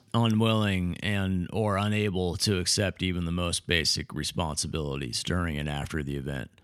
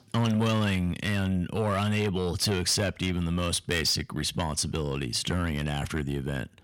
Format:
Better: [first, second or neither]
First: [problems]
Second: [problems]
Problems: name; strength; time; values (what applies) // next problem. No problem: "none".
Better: first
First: none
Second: distortion; slight; 10 dB below the speech